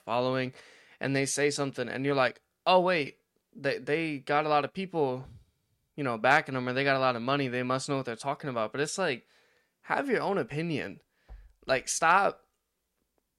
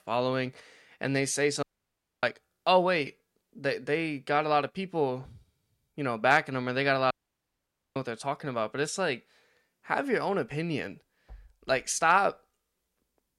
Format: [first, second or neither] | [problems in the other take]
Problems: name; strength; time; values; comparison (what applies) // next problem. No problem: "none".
first | audio cutting out; at 1.5 s for 0.5 s and at 7 s for 1 s